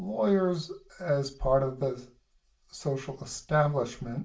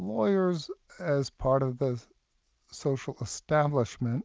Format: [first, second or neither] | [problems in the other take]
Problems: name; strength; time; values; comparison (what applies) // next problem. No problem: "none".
second | room echo; dies away in 0.3 s